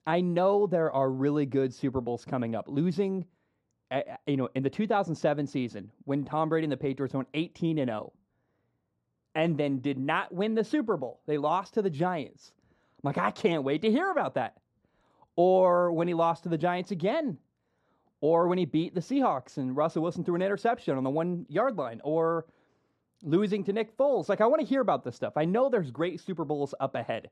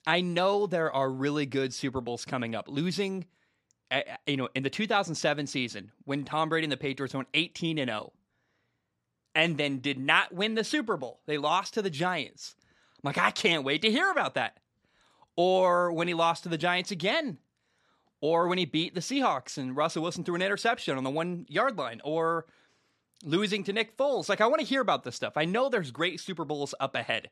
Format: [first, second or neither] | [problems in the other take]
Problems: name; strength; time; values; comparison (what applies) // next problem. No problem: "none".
second | muffled; slightly; fading above 1.5 kHz